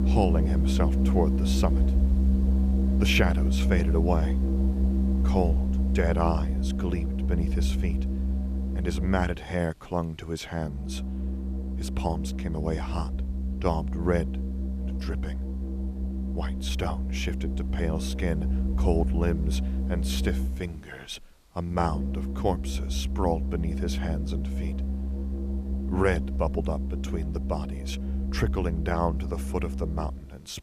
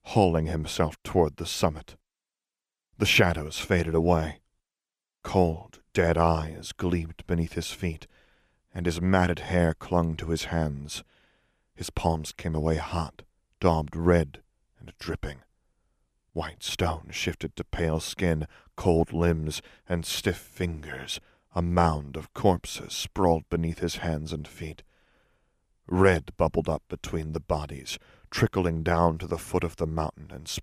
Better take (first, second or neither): second